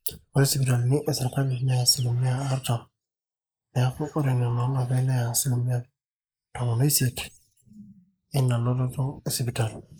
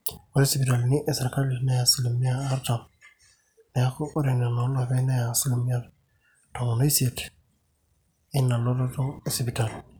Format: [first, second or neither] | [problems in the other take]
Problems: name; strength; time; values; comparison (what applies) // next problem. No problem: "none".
second | noise reduction (neural mask model Resemble Enhance denoiser)